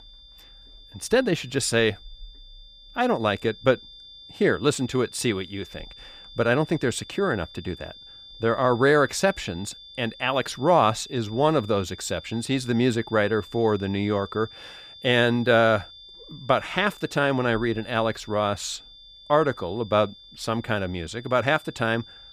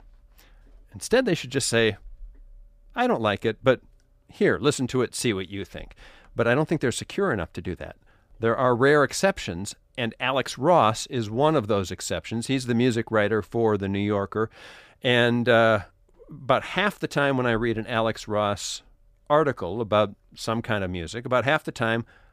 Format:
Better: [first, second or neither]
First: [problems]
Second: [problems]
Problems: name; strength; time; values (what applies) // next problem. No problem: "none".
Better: second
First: high-pitched whine; noticeable; throughout; 3.5 kHz, 20 dB below the speech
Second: none